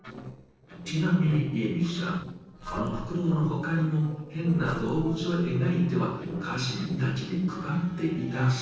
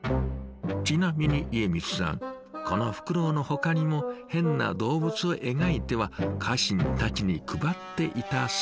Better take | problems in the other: second | noise reduction (neural separator model SepFormer DNS4)

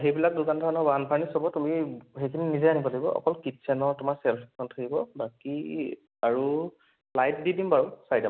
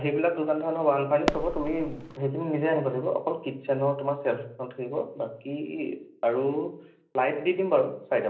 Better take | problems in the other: first | background sound (Fireworks); 4 dB below the speech // room echo; dies away in 0.5 s

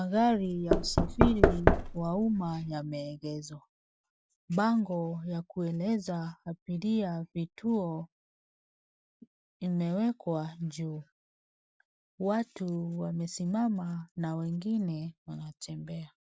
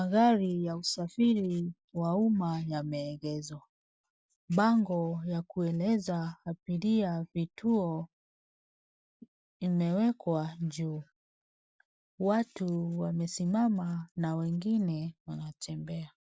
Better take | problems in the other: second | background sound (Knock / Wood); 5 dB above the speech

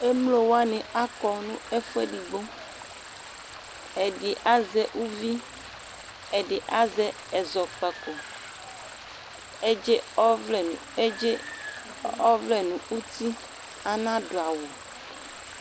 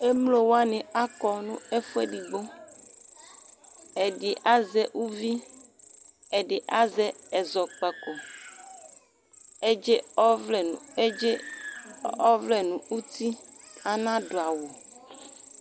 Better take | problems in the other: second | background sound (Stream); 15 dB below the speech

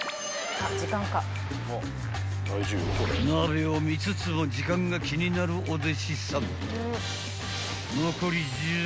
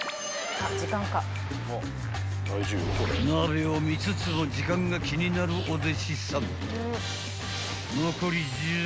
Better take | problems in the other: first | background sound (Bird); 9 dB below the speech

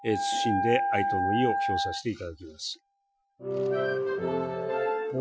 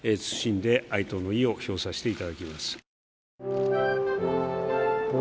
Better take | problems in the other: second | noise reduction (classical method Wiener filter)

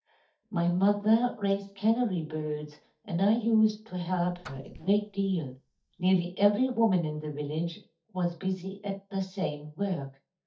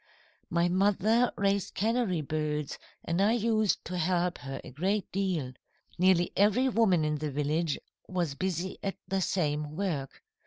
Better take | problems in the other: second | noise reduction (neural mask model DeepFilterNet 3)

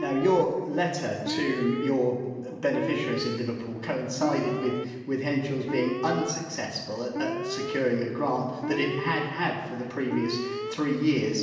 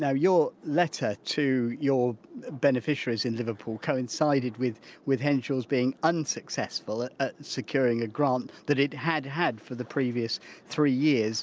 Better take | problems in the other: second | background sound (Alarm); 8 dB below the speech // room echo; dies away in 1.3 s

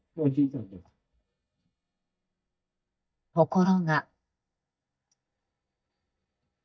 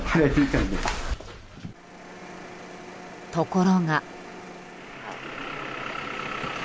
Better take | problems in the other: second | noise reduction (neural mask model DeepFilterNet 3)

